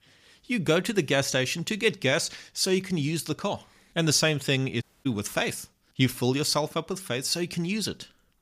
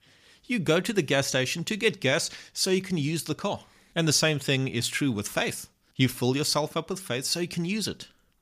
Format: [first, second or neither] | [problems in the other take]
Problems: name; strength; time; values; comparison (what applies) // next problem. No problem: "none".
second | audio cutting out; at 5 s